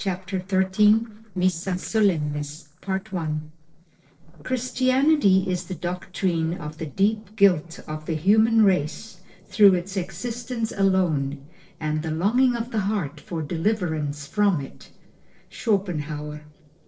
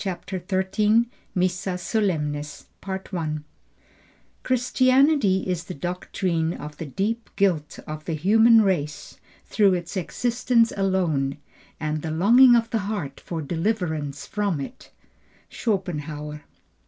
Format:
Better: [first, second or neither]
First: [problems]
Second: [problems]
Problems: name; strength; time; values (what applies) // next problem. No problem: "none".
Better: second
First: noise reduction (neural separator model SepFormer DNS4)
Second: none